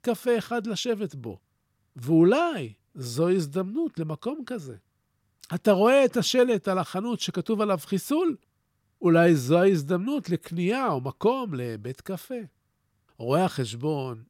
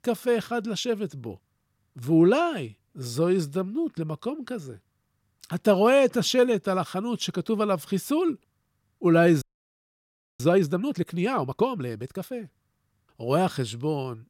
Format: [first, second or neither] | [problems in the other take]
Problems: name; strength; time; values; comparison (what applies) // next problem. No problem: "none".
first | audio freezing; at 9.5 s for 1 s